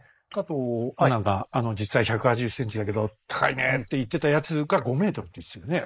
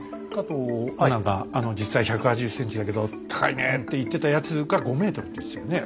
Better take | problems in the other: second | noise reduction (neural mask model Resemble Enhance denoiser)

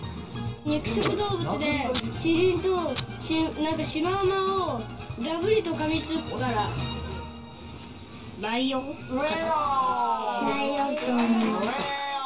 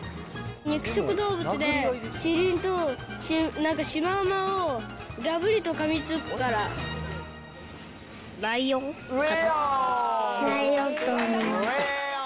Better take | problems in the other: second | background sound (Packing tape, duct tape); 19 dB below the speech // room echo; dies away in 0.2 s

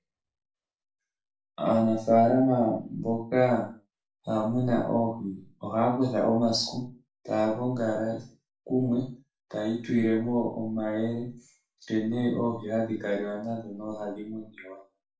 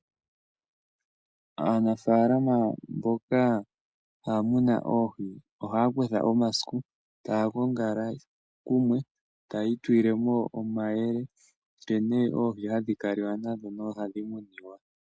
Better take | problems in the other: second | room echo; dies away in 0.3 s

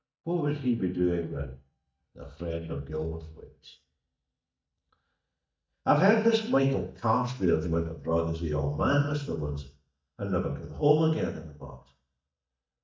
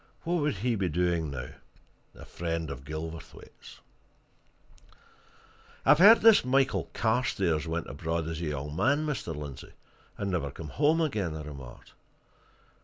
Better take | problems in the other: second | noise reduction (neural mask model DeepFilterNet 3)

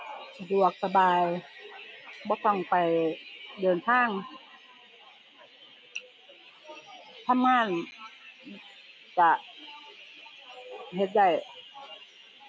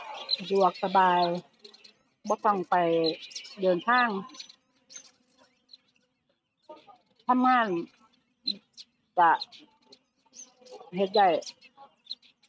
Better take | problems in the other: first | noise reduction (neural mask model RNNoise)

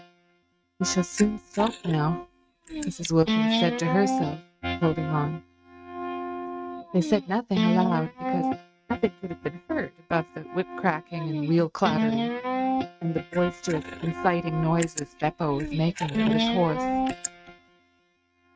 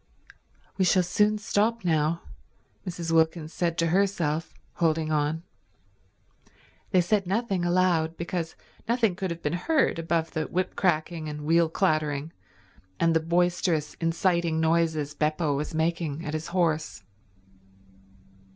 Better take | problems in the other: second | noise reduction (neural mask model RNNoise)

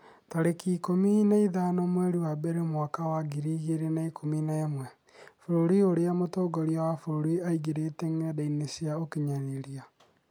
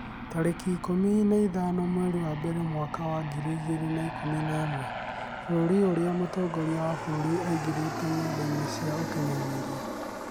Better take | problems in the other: first | background sound (Aircraft); 7 dB below the speech

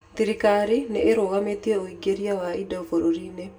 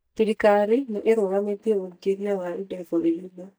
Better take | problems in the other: first | noise reduction (neural mask model DeepFilterNet 3)

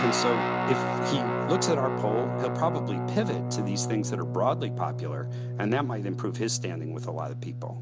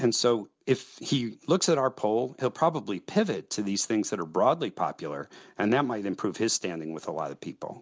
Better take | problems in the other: second | background sound (Guitar); as loud as the speech

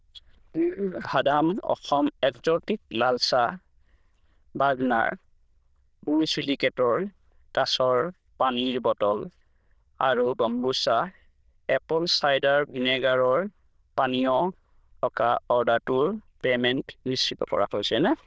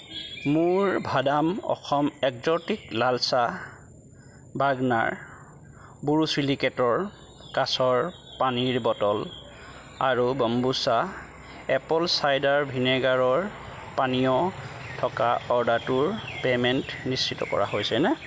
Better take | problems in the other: second | noise reduction (neural diffusion model UNIVERSE++)

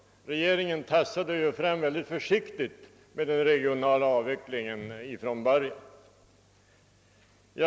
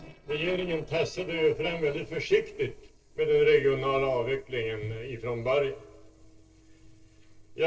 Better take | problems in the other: first | noise reduction (neural separator model SepFormer DNS4)

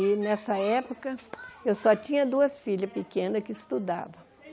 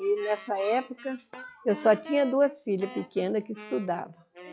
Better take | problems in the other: first | noise reduction (classical method log-MMSE)

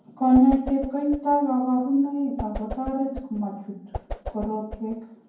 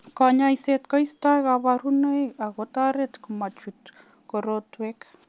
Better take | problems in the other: second | background sound (Whoosh, swoosh, swish); 12 dB below the speech // room echo; dies away in 0.9 s

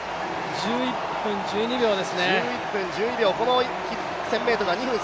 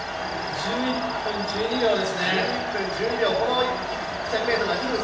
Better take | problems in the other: first | background sound (Cricket); 16 dB below the speech // room echo; dies away in 0.7 s

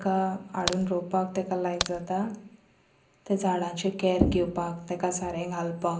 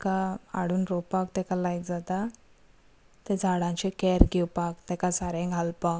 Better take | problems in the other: second | background sound (Crack); 6 dB below the speech // room echo; dies away in 0.5 s

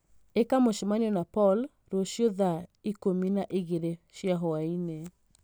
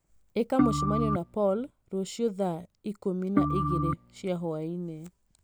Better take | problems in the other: first | background sound (Organ); 2 dB above the speech

